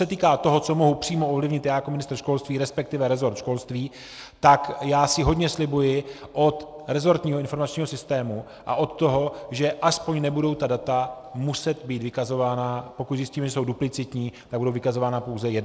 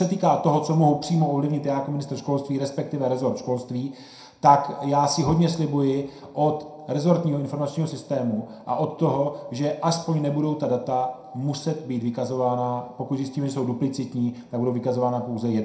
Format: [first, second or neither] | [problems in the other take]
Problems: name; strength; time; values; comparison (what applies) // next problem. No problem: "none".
first | room echo; dies away in 0.4 s